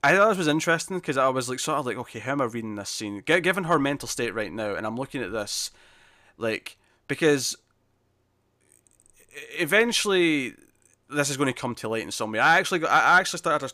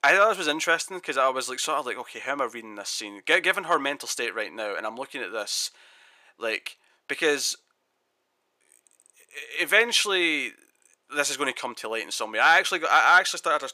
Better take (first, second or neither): first